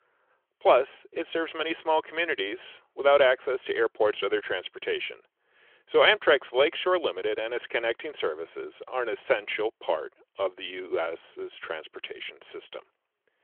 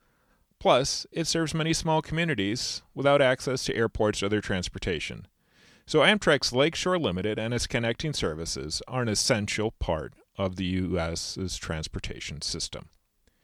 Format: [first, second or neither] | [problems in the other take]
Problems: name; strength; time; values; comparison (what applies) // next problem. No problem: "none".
second | phone-call audio; nothing above 3.5 kHz